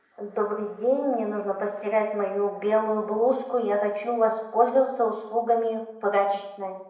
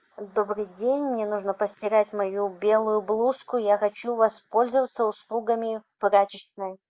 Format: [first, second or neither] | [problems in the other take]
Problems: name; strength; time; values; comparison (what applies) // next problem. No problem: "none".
second | room echo; dies away in 0.7 s